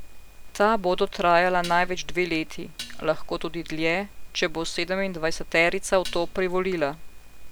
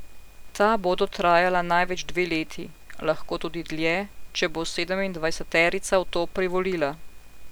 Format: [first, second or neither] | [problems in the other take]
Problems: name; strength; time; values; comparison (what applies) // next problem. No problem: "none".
second | background sound (Dishes, pots, and pans); 17 dB below the speech